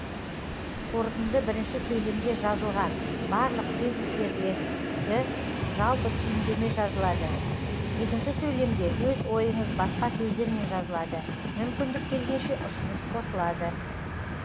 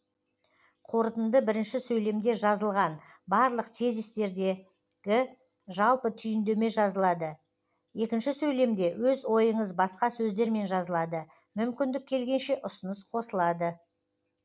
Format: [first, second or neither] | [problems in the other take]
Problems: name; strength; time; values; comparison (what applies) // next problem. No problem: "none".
second | background sound (Train); as loud as the speech